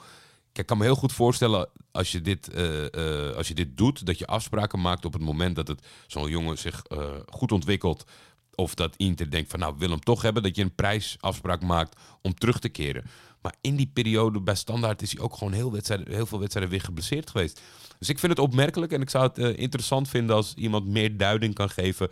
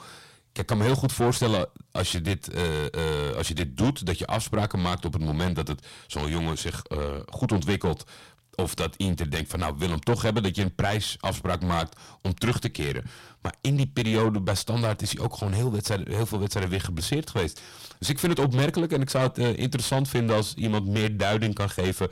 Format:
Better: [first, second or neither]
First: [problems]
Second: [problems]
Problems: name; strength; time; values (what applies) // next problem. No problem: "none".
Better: first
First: none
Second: distortion; heavy; 7 dB below the speech